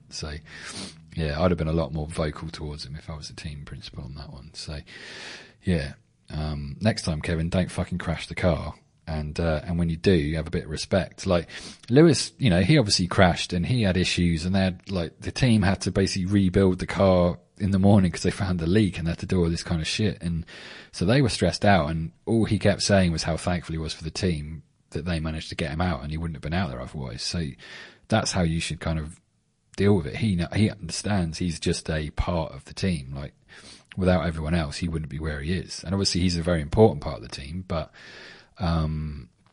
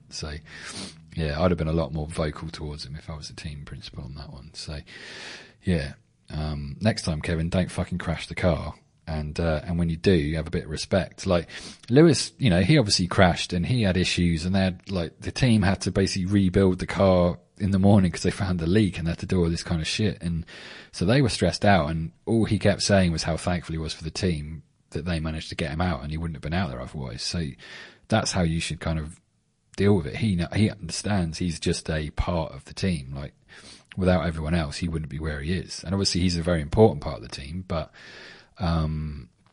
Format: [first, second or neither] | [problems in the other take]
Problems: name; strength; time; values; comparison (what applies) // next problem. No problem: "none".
neither | garbled, watery; slightly; nothing above 10.5 kHz; the same in both